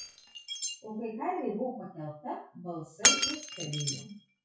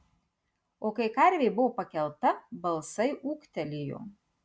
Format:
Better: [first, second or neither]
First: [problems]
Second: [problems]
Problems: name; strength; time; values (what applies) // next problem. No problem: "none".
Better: second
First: noise reduction (classical method WPE with log-MMSE)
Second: none